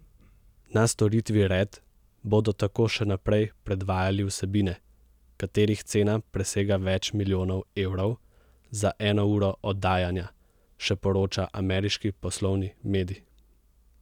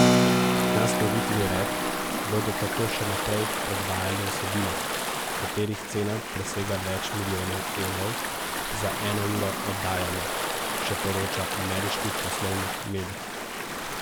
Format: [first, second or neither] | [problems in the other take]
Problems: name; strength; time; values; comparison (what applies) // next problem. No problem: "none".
first | background sound (Stream / Ocean + Keyboard (musical)); 4 dB above the speech